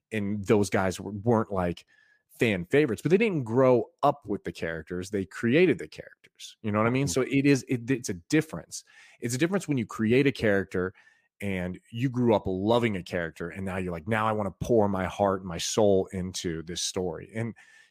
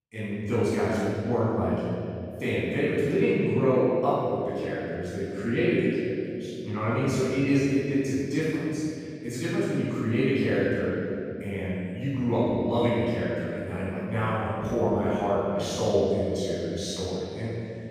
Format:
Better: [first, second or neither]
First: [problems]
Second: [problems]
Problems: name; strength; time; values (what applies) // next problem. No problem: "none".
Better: first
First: none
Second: off-mic speech; far // room echo; strong; dies away in 2.8 s